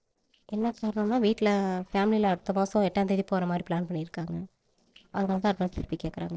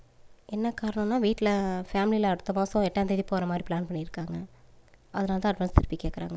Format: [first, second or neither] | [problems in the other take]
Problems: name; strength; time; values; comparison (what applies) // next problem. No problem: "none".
second | noise reduction (neural separator model SepFormer DNS4)